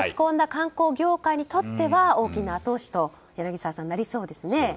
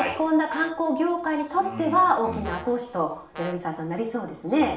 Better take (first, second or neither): first